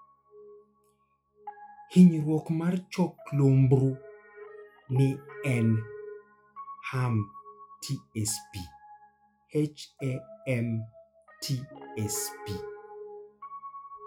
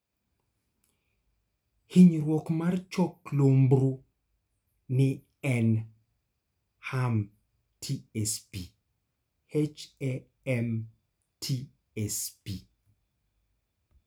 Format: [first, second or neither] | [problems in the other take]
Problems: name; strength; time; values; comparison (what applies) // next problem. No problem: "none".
second | noise reduction (classical method log-MMSE)